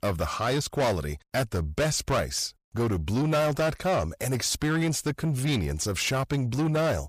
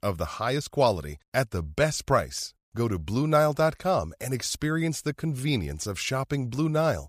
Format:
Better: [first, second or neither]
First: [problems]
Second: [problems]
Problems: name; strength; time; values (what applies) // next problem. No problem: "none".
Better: second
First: distortion; heavy; 7 dB below the speech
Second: none